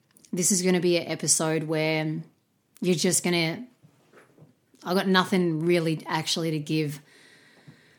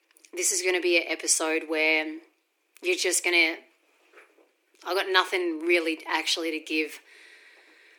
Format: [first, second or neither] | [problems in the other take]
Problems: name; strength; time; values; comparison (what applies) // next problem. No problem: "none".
first | thin; very; fading below 300 Hz